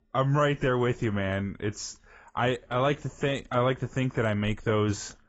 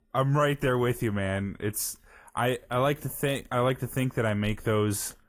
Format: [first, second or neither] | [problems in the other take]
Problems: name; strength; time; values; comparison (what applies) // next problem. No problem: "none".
second | garbled, watery; badly; nothing above 7.5 kHz; slightly in the second